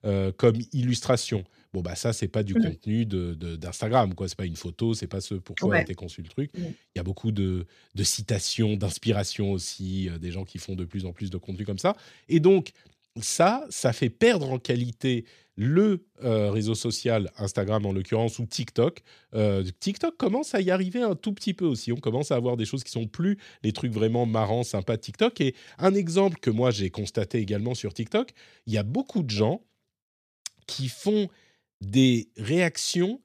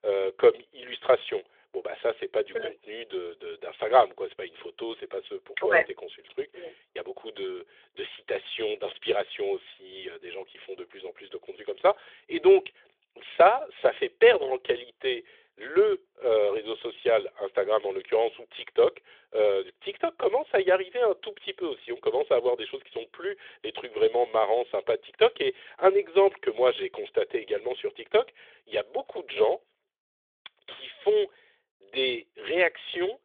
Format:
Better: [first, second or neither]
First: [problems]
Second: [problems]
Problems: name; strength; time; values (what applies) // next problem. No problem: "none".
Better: first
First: none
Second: phone-call audio; nothing above 3.5 kHz